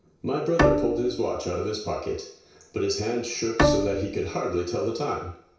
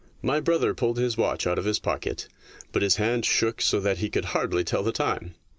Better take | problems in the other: second | background sound (Bowed string instrument); 1 dB above the speech // room echo; dies away in 0.6 s

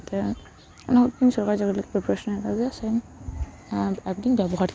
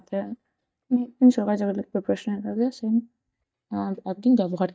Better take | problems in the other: first | noise reduction (neural mask model DeepFilterNet 3)

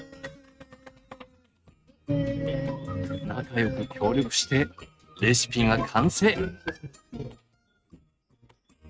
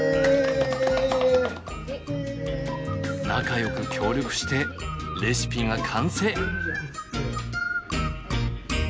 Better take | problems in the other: second | noise reduction (neural mask model RNNoise)

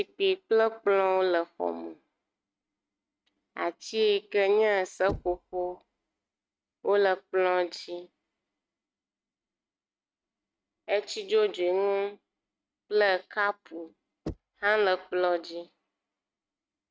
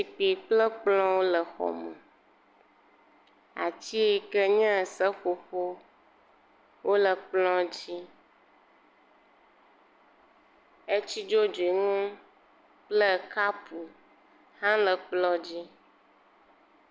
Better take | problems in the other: second | noise reduction (neural mask model RNNoise)

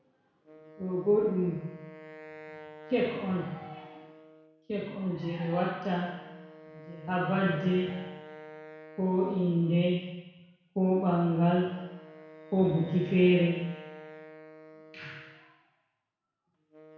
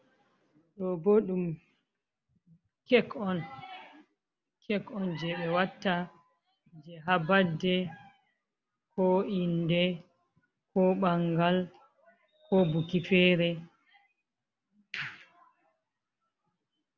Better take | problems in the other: second | background sound (Wind instrument, woodwind instrument); 19 dB below the speech // room echo; dies away in 1.1 s

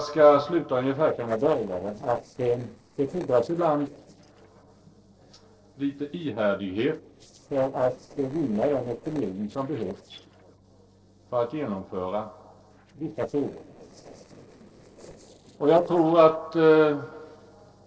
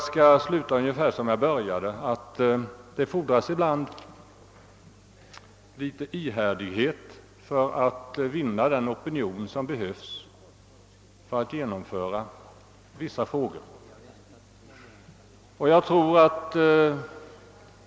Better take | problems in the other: second | noise reduction (neural separator model SepFormer DNS4)

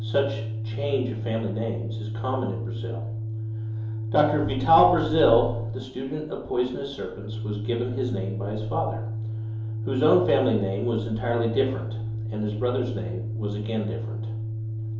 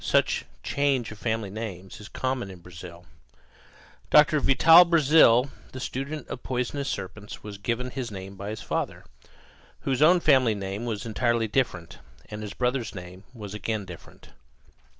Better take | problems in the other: second | background sound (Organ); 4 dB below the speech // room echo; dies away in 2.8 s

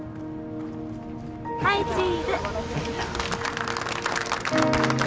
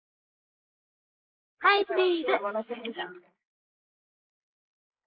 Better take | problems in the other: first | noise reduction (neural mask model Resemble Enhance denoiser)

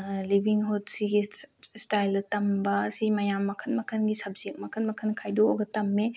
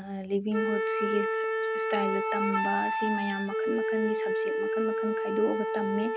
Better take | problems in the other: first | background sound (Wind instrument, woodwind instrument); 3 dB above the speech

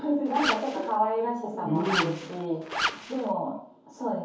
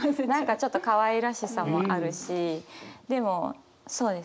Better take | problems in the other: second | background sound (Zipper (clothing)); 3 dB below the speech // room echo; dies away in 0.6 s

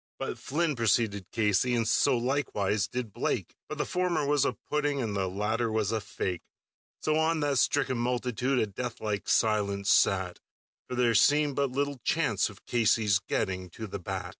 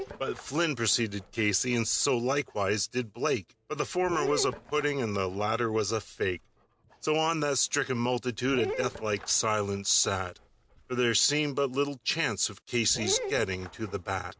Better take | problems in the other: first | background sound (Dog); 14 dB below the speech

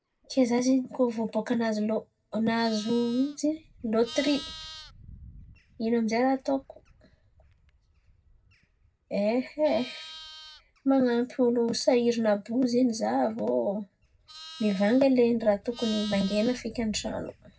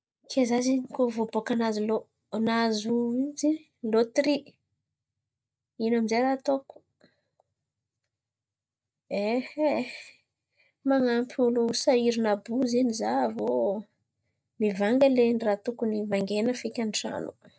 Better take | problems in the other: second | background sound (Livestock, farm animals, working animals); 20 dB below the speech // room echo; dies away in 0.4 s

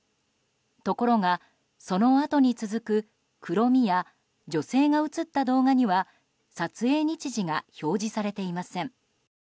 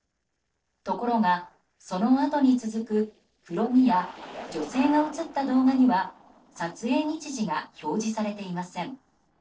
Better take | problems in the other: first | noise reduction (neural separator model SepFormer DNS4)

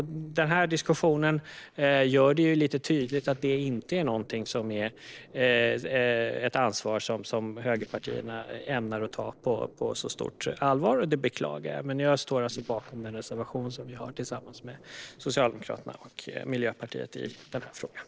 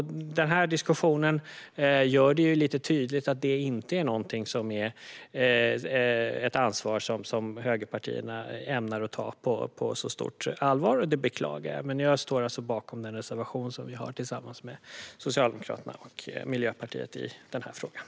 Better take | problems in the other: second | noise reduction (neural separator model SepFormer DNS4)

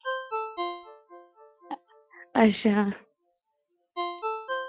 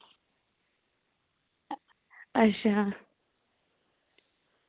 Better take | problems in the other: second | noise reduction (classical method Wiener filter)

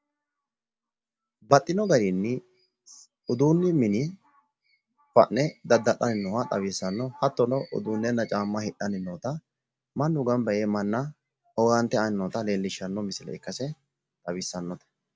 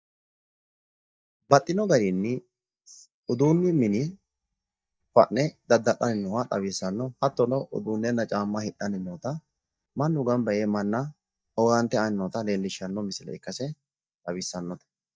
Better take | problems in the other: first | noise reduction (neural mask model DeepFilterNet 3)

